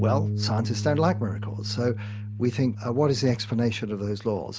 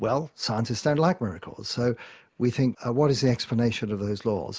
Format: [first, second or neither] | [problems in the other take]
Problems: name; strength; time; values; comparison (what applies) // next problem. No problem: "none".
second | background sound (Bass guitar); 5 dB below the speech